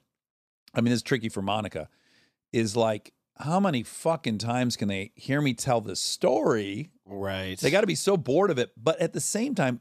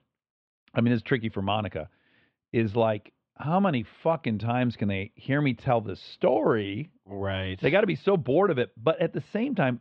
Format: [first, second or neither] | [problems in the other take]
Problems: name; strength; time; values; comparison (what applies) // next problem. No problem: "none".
first | muffled; very; fading above 3 kHz